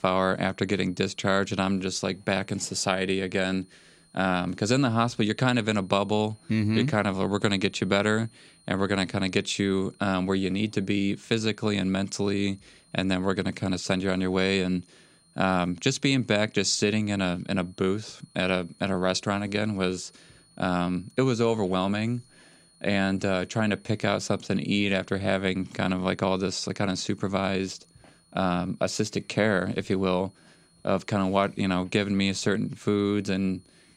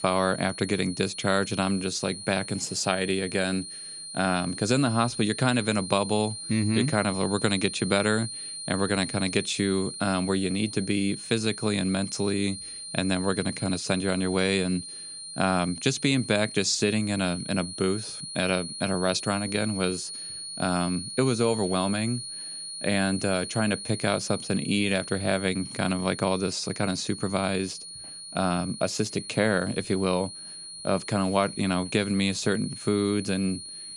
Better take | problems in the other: first | high-pitched whine; loud; throughout; 4.5 kHz, 9 dB below the speech; faint in the first

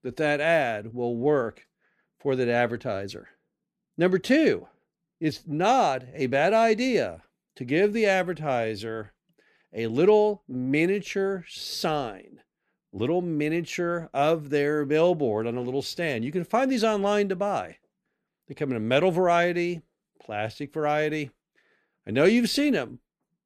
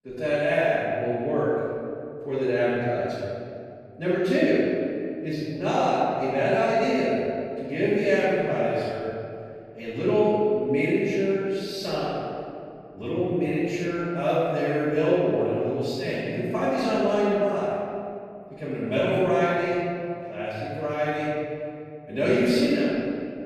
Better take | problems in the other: first | off-mic speech; far // room echo; strong; dies away in 2.4 s

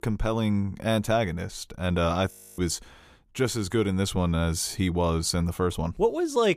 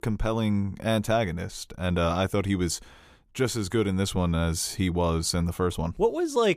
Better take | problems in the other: second | audio freezing; at 2.5 s

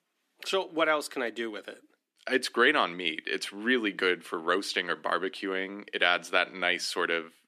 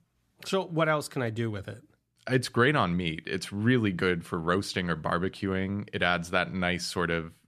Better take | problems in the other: second | thin; somewhat; fading below 250 Hz

